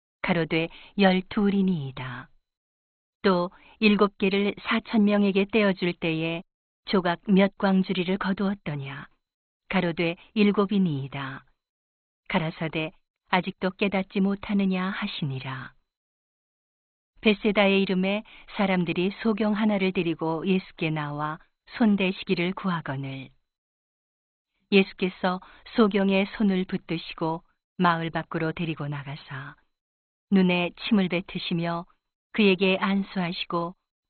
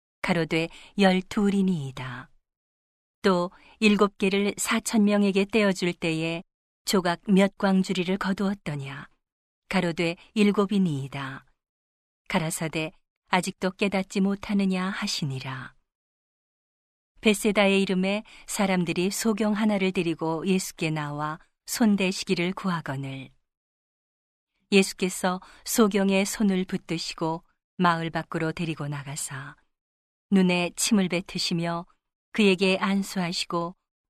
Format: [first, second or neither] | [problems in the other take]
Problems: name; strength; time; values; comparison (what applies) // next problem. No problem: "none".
second | garbled, watery; badly; nothing above 4 kHz